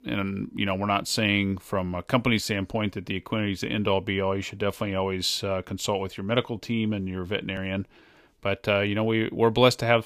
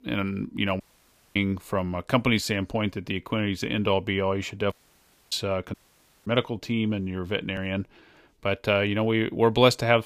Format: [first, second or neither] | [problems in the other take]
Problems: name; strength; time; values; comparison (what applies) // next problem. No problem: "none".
first | audio cutting out; at 1 s for 0.5 s, at 4.5 s for 0.5 s and at 5.5 s for 0.5 s